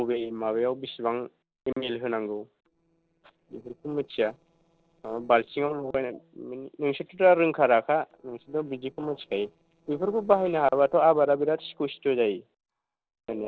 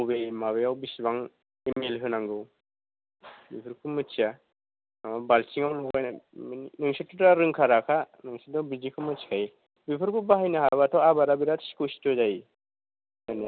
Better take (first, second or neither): second